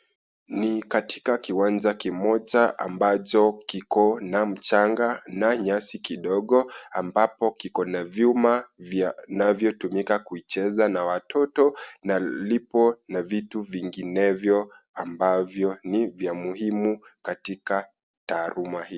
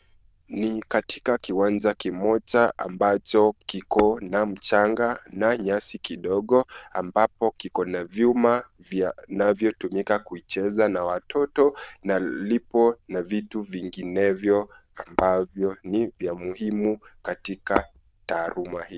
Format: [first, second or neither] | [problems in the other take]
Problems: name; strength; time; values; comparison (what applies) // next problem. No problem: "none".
first | noise reduction (neural diffusion model UNIVERSE++)